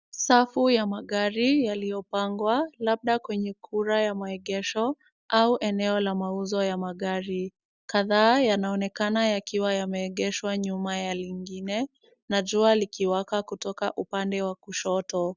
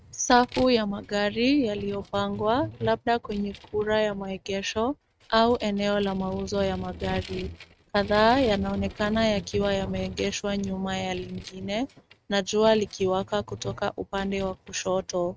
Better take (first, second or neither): first